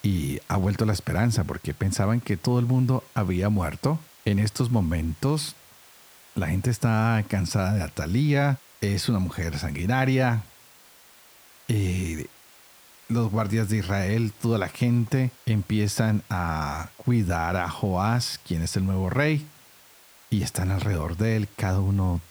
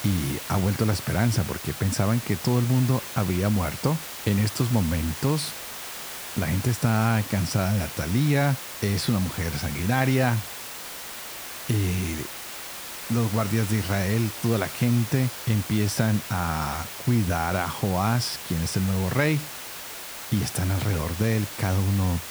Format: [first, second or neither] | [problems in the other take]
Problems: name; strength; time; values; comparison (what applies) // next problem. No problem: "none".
first | hiss; loud; throughout; 9 dB below the speech; faint in the first